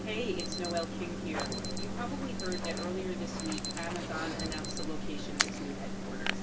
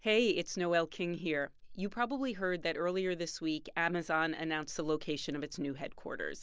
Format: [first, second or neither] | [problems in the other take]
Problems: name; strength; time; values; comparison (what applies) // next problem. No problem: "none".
second | background sound (Alarm); 1 dB above the speech // room echo; dies away in 0.2 s